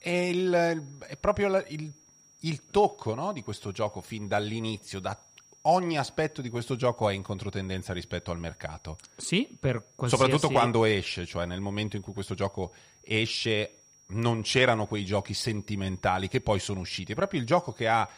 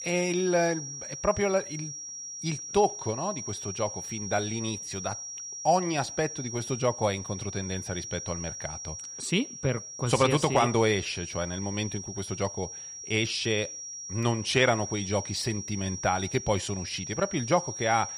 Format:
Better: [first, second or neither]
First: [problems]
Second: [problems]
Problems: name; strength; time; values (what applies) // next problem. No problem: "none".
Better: first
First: high-pitched whine; faint; throughout; 5.5 kHz, 25 dB below the speech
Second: high-pitched whine; loud; throughout; 5.5 kHz, 8 dB below the speech